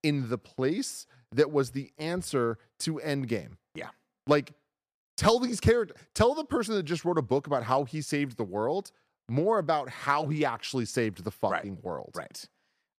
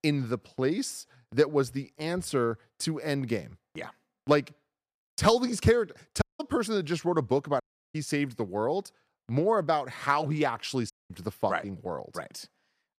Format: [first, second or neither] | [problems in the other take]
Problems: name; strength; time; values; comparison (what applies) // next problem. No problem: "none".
first | audio cutting out; at 6 s, at 7.5 s and at 11 s